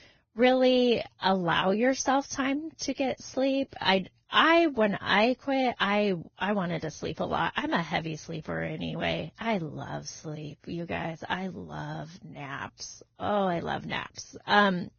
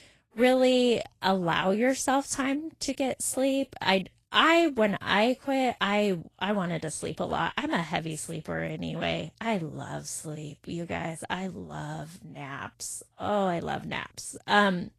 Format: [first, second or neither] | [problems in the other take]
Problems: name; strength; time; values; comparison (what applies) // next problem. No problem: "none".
second | garbled, watery; badly; nothing above 6.5 kHz; slightly in the second